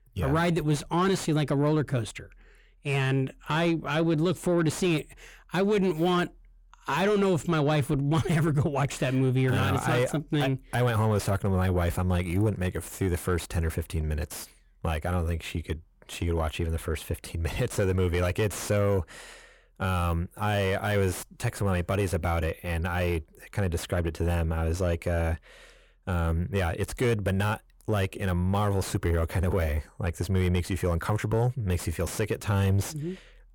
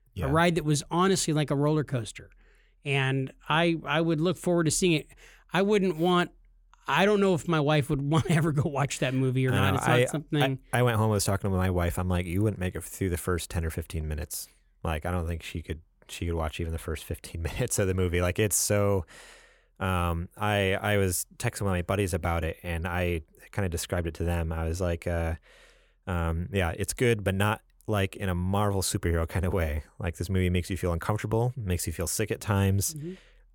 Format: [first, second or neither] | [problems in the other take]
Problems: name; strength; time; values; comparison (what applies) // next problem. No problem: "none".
second | distortion; slight; 10 dB below the speech